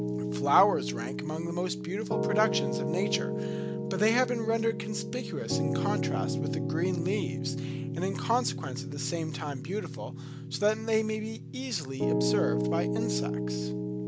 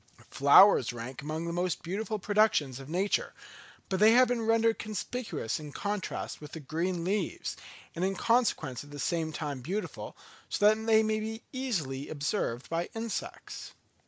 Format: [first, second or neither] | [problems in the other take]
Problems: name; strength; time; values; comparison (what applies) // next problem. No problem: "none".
second | background sound (Piano); as loud as the speech